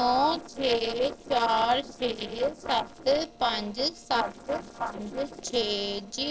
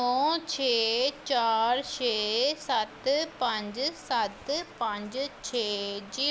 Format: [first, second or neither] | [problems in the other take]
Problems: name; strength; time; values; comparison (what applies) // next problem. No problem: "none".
second | noise reduction (neural separator model SepFormer DNS4)